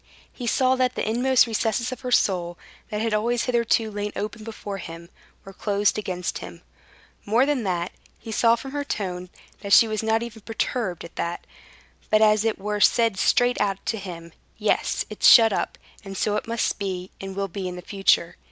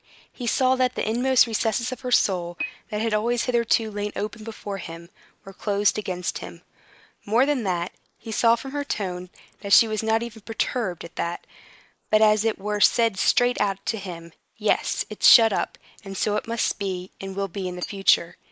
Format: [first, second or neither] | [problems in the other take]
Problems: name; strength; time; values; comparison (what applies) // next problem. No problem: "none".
first | noise reduction (neural mask model Resemble Enhance denoiser)